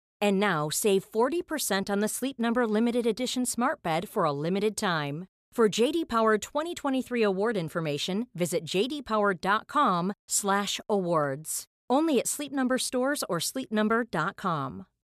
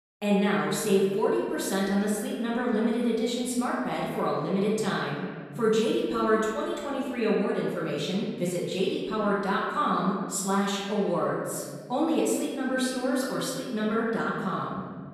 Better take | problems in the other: first | off-mic speech; far // room echo; noticeable; dies away in 1.6 s

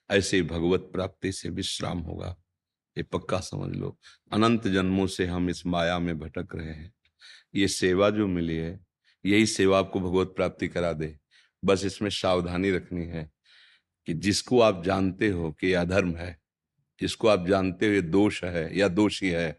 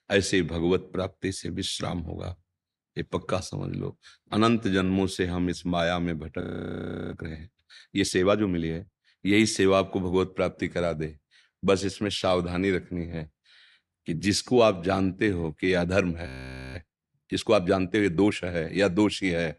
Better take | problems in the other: first | audio freezing; at 6.5 s for 0.5 s and at 16 s

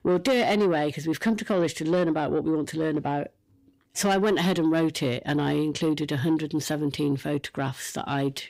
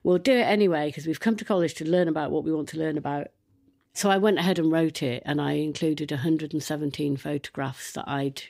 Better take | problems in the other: second | distortion; slight; 10 dB below the speech

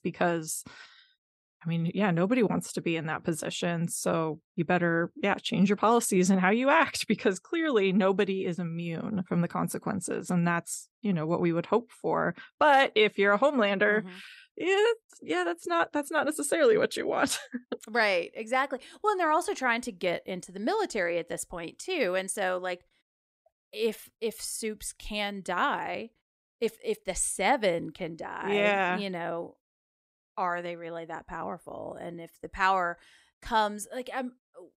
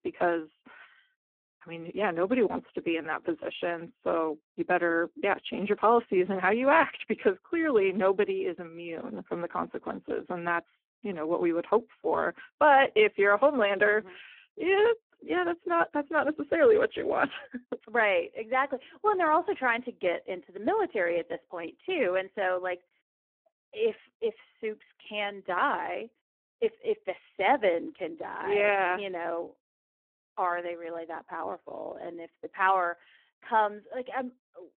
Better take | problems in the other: first | phone-call audio; poor line

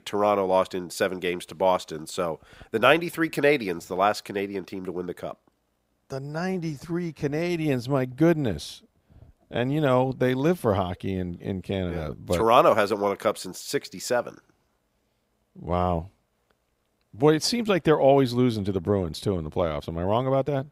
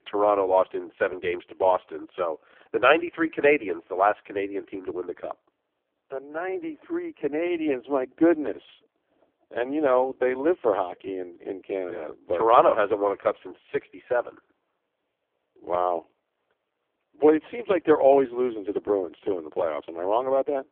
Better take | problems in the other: first | phone-call audio; poor line

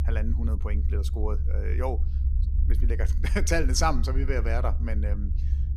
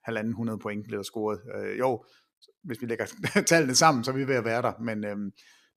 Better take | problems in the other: second | low rumble; noticeable; throughout; 15 dB below the speech

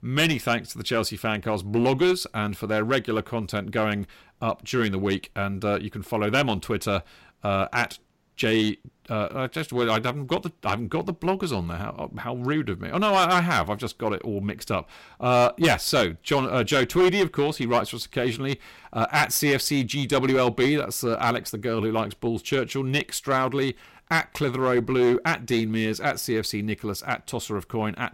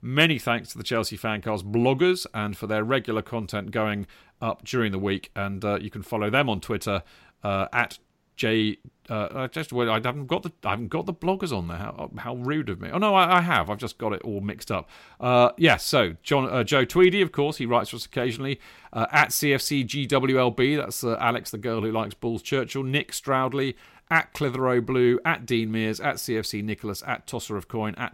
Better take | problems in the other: second | distortion; slight; 4% of the sound clipped

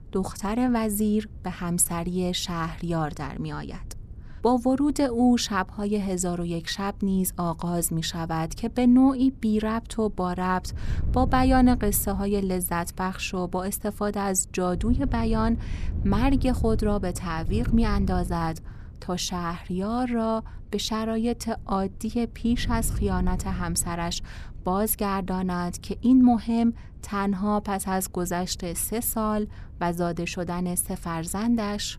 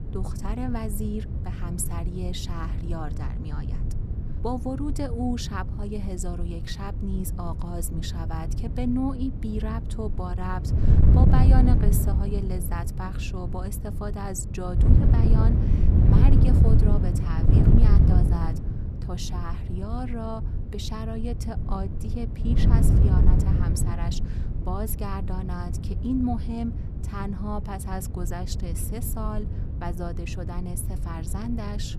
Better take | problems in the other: first | wind noise on the microphone; heavy; 3 dB below the speech; occasional gusts in the first

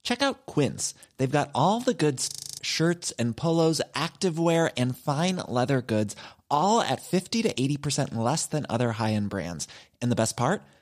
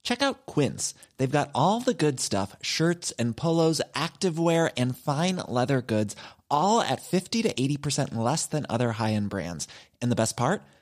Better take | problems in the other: second | audio freezing; at 2.5 s

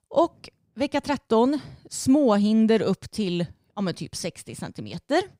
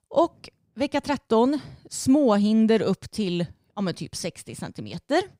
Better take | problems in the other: neither | none

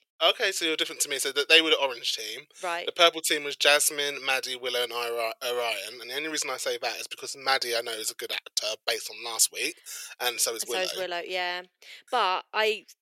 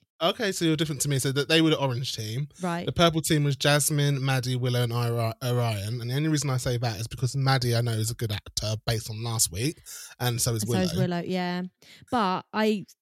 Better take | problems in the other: second | thin; very; fading below 450 Hz

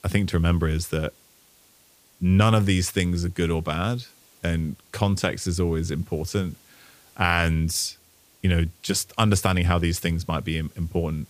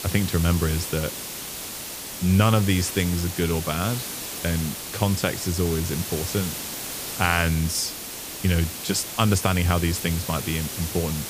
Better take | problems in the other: first | hiss; loud; throughout; 6 dB below the speech; faint in the first

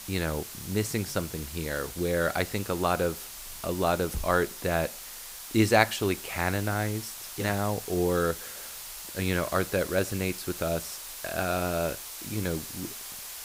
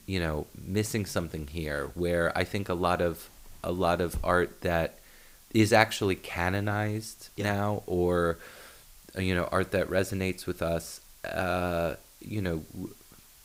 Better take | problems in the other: second | hiss; loud; throughout; 9 dB below the speech; faint in the second

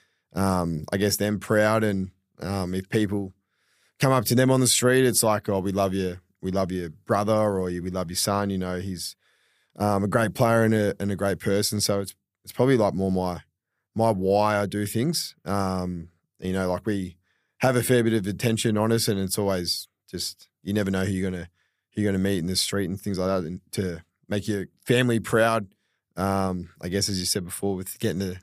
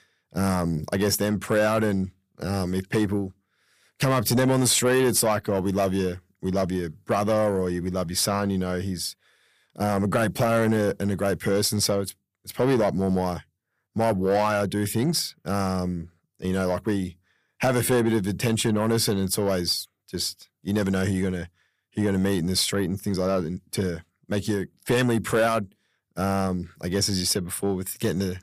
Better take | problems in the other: first | distortion; slight; 10 dB below the speech

